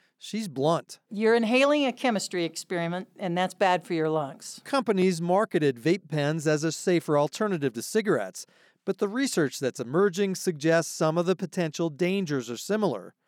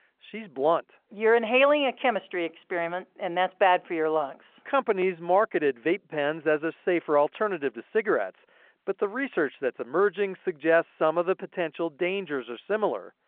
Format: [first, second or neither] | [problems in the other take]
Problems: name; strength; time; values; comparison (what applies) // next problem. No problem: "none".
first | phone-call audio